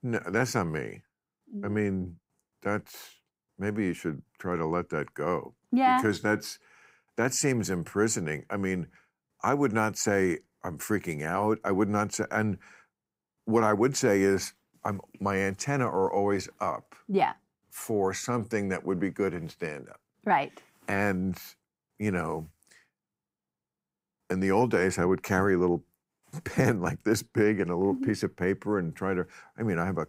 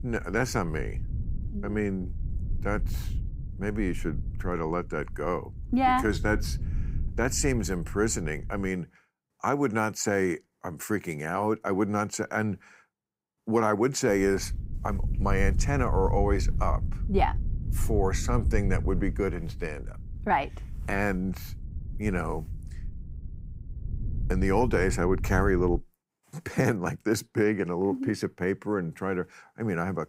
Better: first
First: none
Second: wind noise on the microphone; occasional gusts; until 8.5 s and from 14 to 26 s; 20 dB below the speech

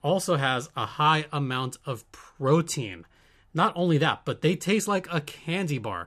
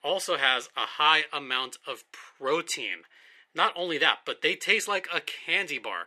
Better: first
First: none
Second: thin; very; fading below 350 Hz

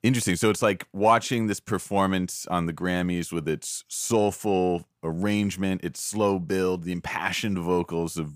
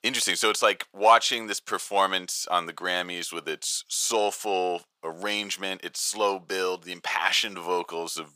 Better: first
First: none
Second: thin; very; fading below 600 Hz

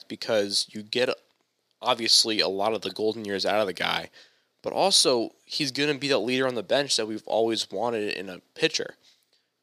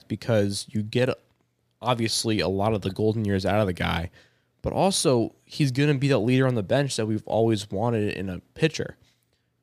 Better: second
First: thin; somewhat; fading below 350 Hz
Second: none

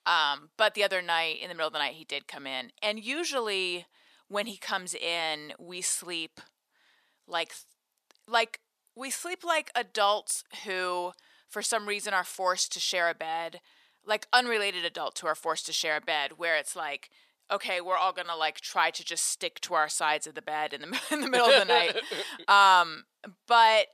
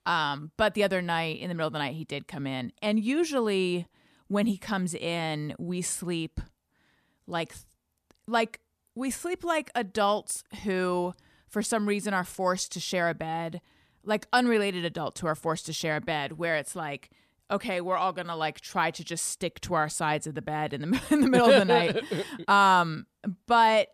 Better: second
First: thin; very; fading below 600 Hz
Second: none

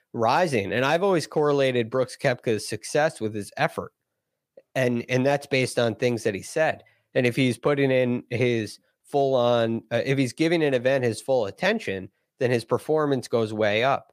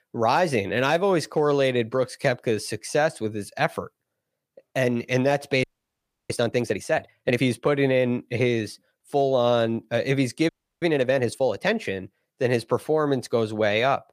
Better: first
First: none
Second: audio freezing; at 5.5 s for 0.5 s and at 10 s

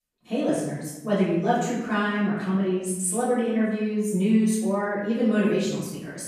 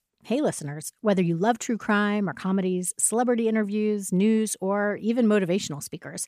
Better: second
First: off-mic speech; far // room echo; noticeable; dies away in 0.9 s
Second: none

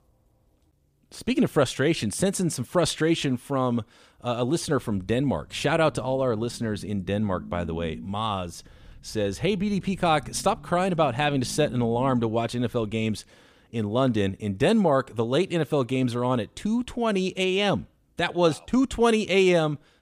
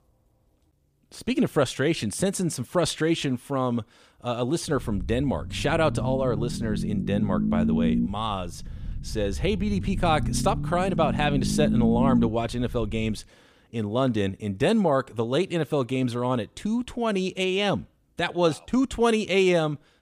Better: first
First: low rumble; faint; from 5 to 13 s; 25 dB below the speech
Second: low rumble; loud; from 5 to 13 s; 7 dB below the speech

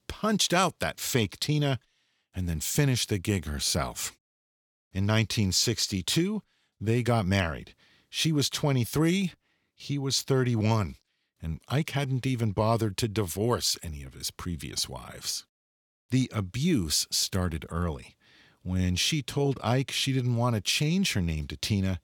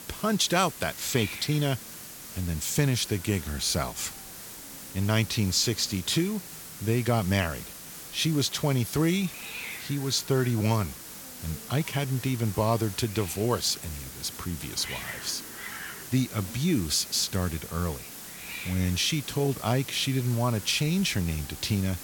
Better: first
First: none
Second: hiss; noticeable; throughout; 10 dB below the speech

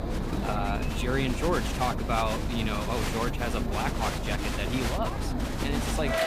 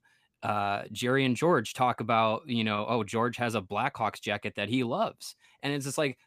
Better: second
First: crowd noise; very loud; throughout; 1 dB above the speech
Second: none

